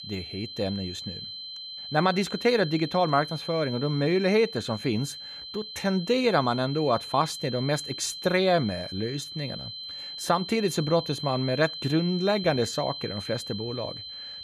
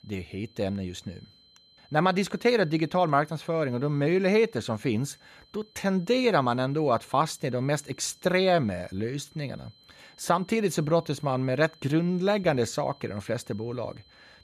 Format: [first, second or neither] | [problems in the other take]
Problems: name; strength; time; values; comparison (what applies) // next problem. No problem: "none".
second | high-pitched whine; loud; throughout; 4 kHz, 9 dB below the speech; faint in the second